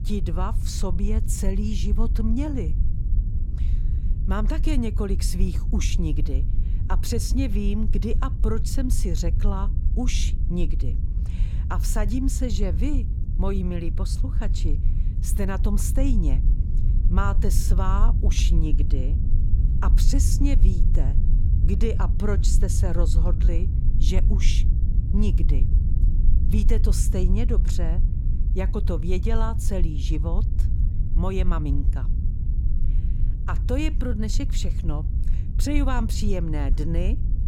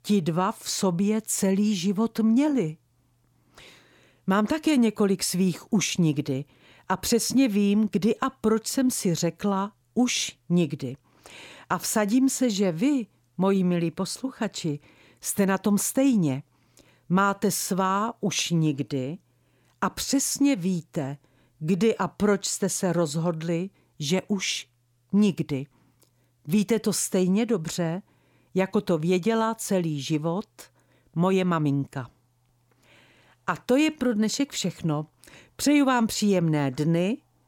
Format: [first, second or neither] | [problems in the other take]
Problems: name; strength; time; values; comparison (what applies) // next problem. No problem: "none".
second | low rumble; loud; throughout; 9 dB below the speech